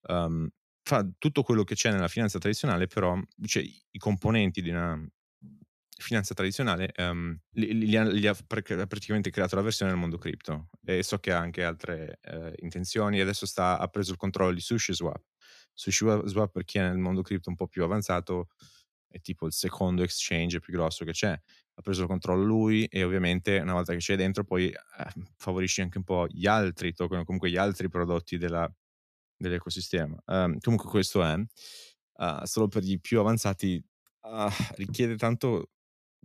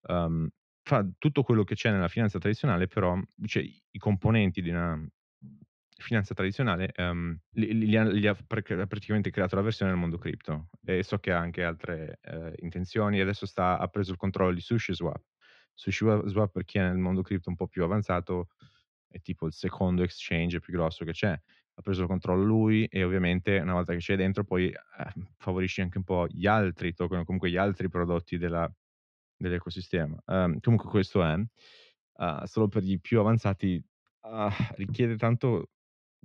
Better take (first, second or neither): first